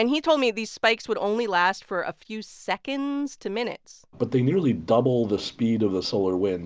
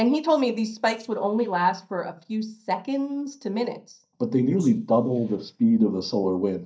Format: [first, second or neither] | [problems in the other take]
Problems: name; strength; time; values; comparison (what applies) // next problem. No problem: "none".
first | noise reduction (neural mask model DeepFilterNet 3)